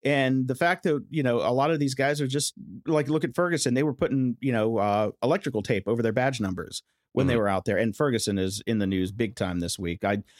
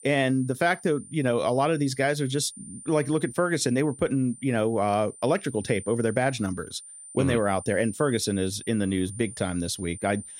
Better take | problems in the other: first | high-pitched whine; noticeable; throughout; 9 kHz, 15 dB below the speech

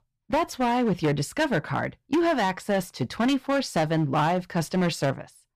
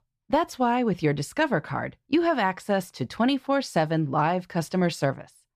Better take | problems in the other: second | distortion; slight; 11% of the sound clipped

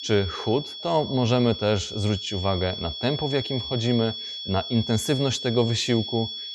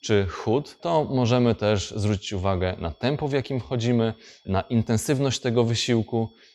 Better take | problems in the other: second | high-pitched whine; loud; throughout; 3.5 kHz, 7 dB below the speech; faint in the second

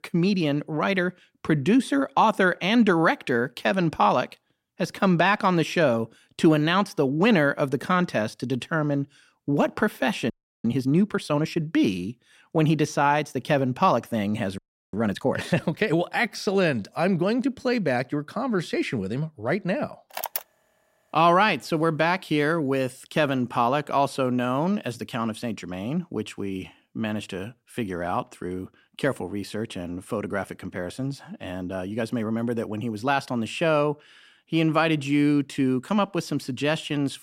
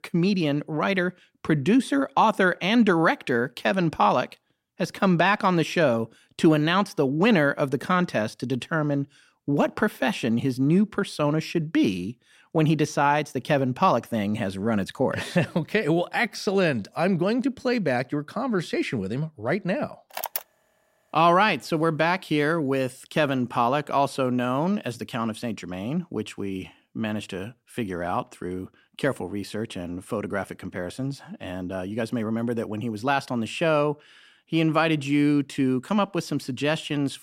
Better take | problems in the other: second | audio freezing; at 10 s and at 15 s

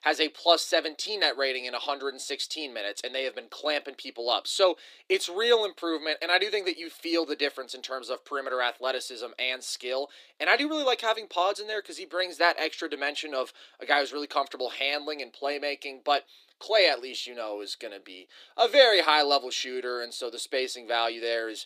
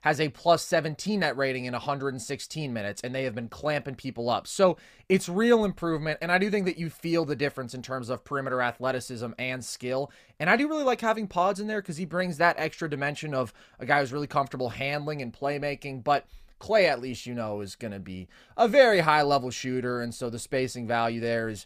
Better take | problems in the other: second | thin; somewhat; fading below 300 Hz

